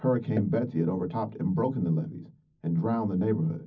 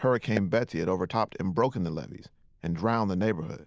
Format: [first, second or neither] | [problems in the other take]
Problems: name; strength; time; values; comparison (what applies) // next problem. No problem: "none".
second | room echo; dies away in 0.4 s